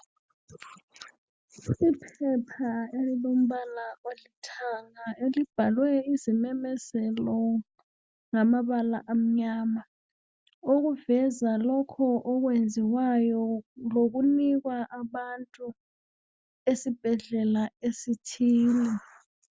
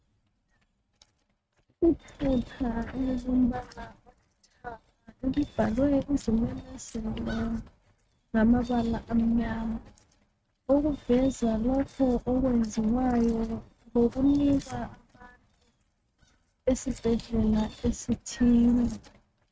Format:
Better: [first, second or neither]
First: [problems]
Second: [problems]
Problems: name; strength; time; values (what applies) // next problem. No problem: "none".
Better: first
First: none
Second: noise reduction (neural mask model RNNoise)